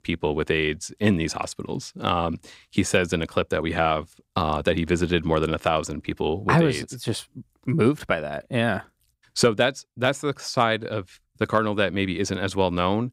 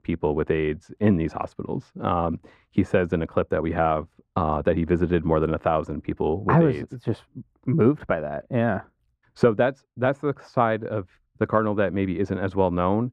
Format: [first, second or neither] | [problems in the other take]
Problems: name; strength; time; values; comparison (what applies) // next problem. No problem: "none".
first | muffled; very; fading above 3 kHz